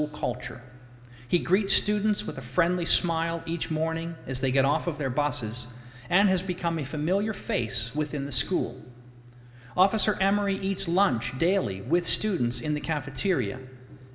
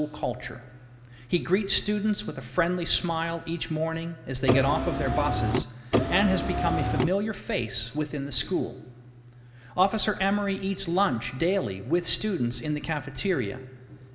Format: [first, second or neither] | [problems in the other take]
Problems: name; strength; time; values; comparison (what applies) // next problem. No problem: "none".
first | background sound (Car); 2 dB above the speech